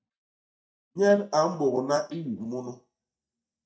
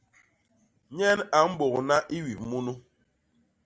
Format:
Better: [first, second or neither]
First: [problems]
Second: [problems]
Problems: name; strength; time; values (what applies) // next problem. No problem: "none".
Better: second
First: noise reduction (neural mask model DeepFilterNet 3)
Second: none